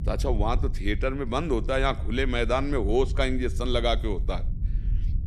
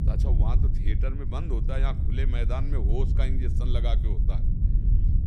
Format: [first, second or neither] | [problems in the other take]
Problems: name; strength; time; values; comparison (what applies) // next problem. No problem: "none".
first | low rumble; loud; throughout; 5 dB below the speech; faint in the first